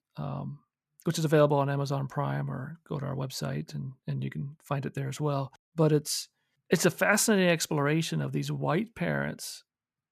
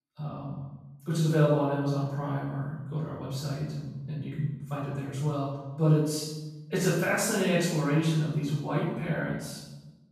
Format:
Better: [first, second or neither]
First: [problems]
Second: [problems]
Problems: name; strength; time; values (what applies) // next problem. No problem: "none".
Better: first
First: none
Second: off-mic speech; far // room echo; strong; dies away in 1 s